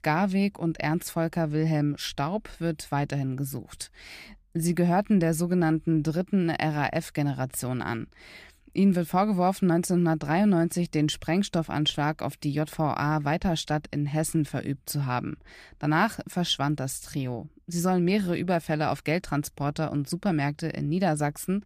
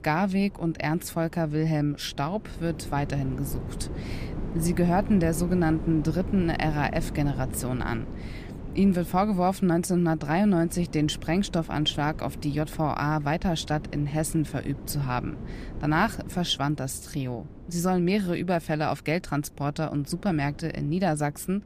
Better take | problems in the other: first | wind noise on the microphone; occasional gusts; 15 dB below the speech

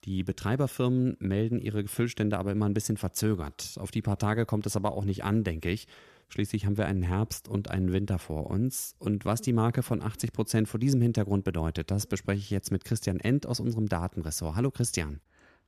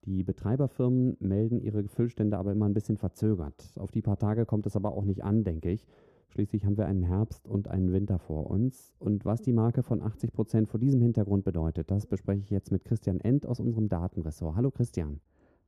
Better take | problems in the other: first | muffled; very; fading above 1 kHz

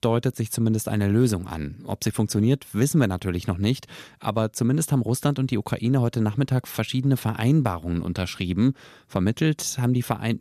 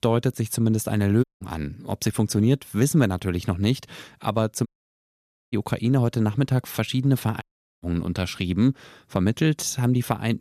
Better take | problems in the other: first | audio cutting out; at 1 s, at 4.5 s for 1 s and at 7.5 s

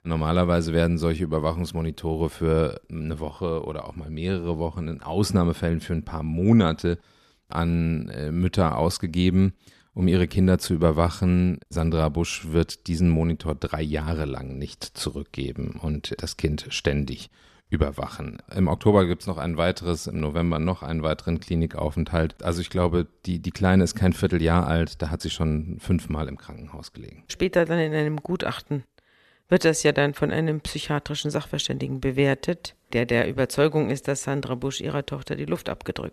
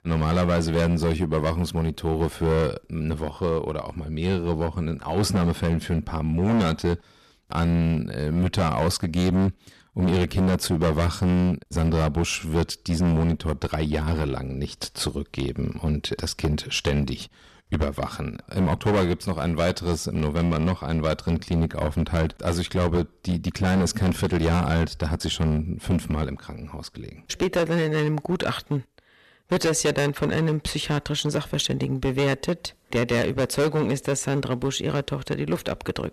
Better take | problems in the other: first | distortion; heavy; 11% of the sound clipped

